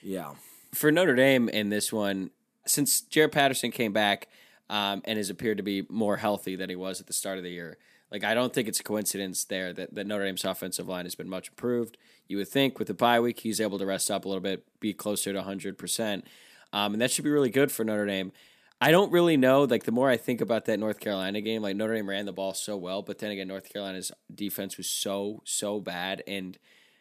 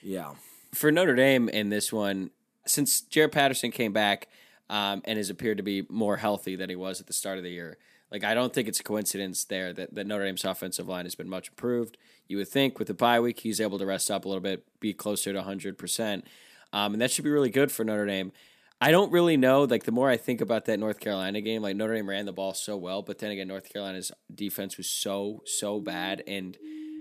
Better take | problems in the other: first | siren; faint; from 25 s on; peak 15 dB below the speech

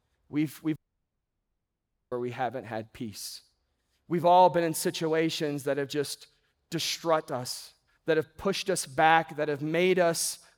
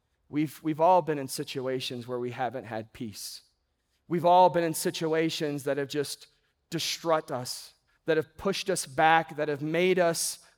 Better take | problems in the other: second | audio cutting out; at 1 s for 1.5 s

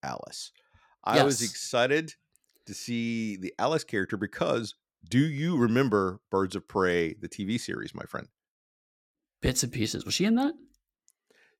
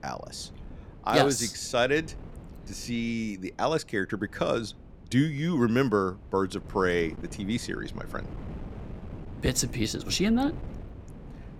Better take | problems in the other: first | wind noise on the microphone; occasional gusts; 20 dB below the speech

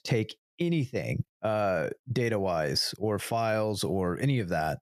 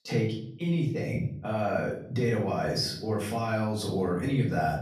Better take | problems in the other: first | off-mic speech; far // room echo; noticeable; dies away in 0.6 s

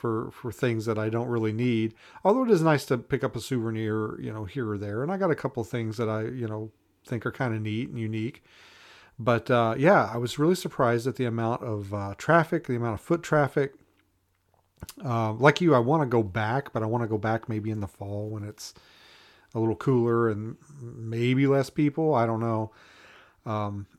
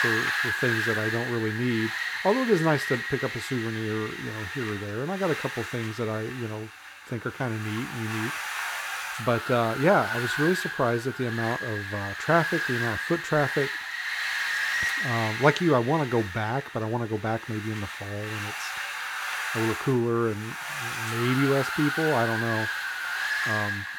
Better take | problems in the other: first | wind noise on the microphone; heavy; as loud as the speech

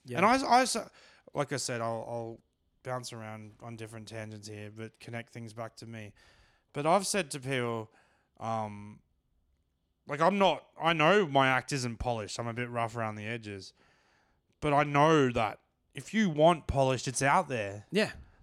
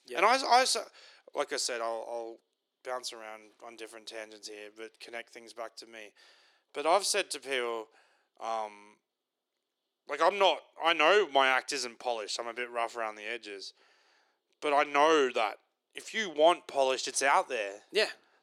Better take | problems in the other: first | thin; somewhat; fading below 350 Hz

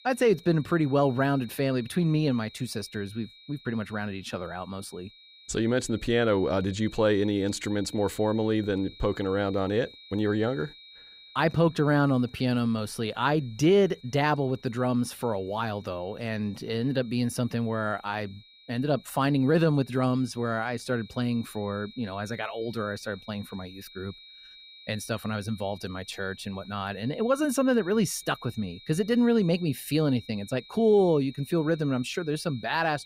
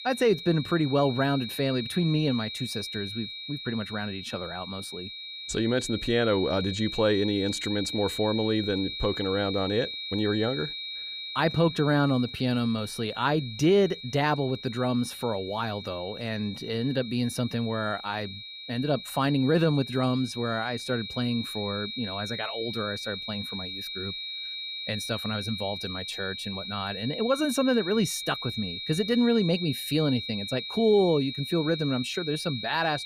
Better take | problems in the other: first | high-pitched whine; loud; throughout; 4 kHz, 7 dB below the speech; faint in the first

